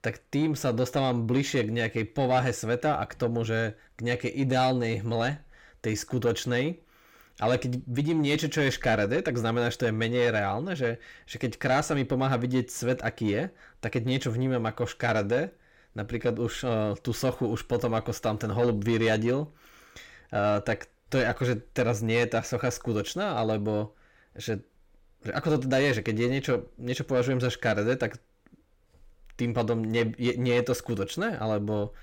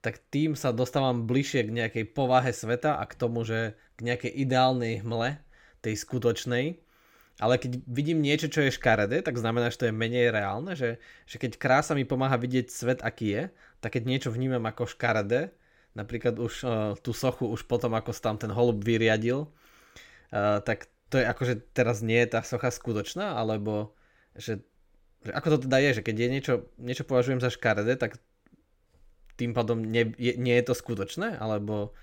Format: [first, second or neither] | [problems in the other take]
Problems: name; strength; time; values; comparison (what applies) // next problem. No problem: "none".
second | distortion; slight; 10 dB below the speech